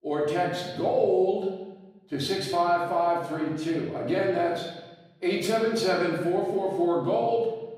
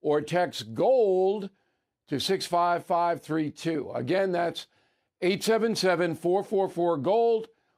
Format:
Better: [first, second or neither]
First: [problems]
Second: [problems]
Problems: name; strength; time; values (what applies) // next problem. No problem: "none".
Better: second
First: off-mic speech; far // room echo; noticeable; dies away in 1.1 s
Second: none